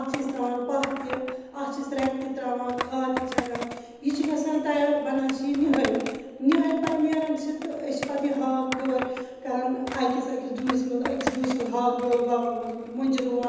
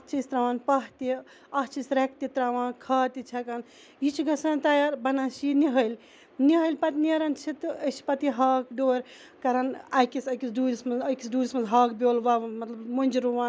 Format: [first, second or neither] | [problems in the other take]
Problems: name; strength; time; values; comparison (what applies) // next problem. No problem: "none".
second | background sound (Skateboard); 11 dB below the speech // room echo; dies away in 1.1 s